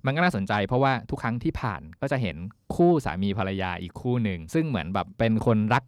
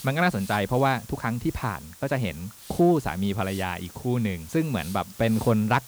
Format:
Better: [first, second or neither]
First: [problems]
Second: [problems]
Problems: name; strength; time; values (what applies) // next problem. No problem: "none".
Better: first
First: none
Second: hiss; noticeable; throughout; 15 dB below the speech